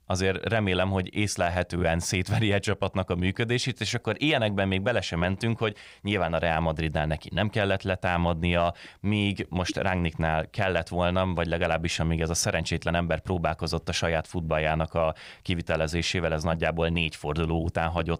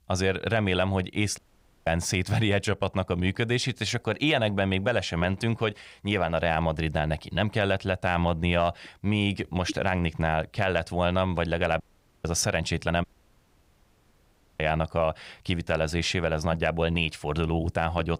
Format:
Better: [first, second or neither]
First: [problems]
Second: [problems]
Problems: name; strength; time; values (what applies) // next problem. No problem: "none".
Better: first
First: none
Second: audio cutting out; at 1.5 s, at 12 s and at 13 s for 1.5 s